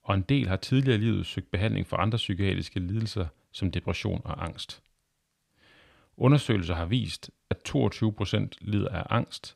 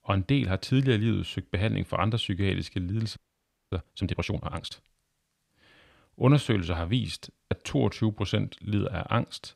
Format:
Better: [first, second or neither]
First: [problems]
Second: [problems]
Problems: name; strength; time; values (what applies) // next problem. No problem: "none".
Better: first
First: none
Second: audio freezing; at 3 s for 0.5 s